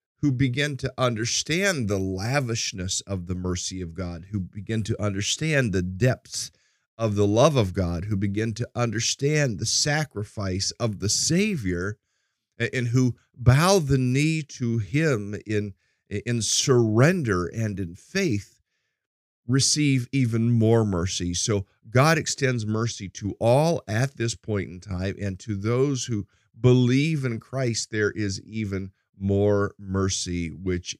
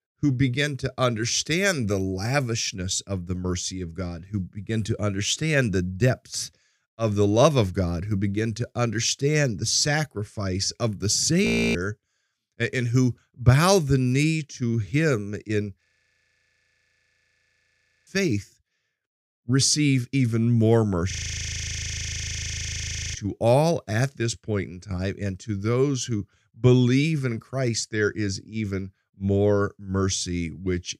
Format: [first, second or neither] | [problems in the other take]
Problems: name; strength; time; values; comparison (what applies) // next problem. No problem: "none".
first | audio freezing; at 11 s, at 16 s for 2 s and at 21 s for 2 s